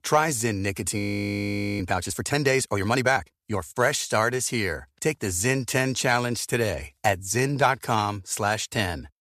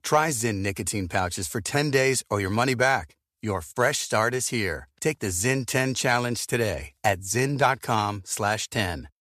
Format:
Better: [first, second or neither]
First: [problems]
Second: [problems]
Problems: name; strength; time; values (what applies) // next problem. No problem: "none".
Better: second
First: audio freezing; at 1 s for 1 s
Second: none